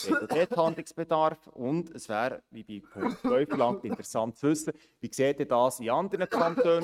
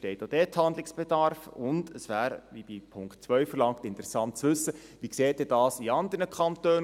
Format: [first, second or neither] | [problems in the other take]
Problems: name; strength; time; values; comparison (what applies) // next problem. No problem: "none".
second | noise reduction (neural mask model RNNoise)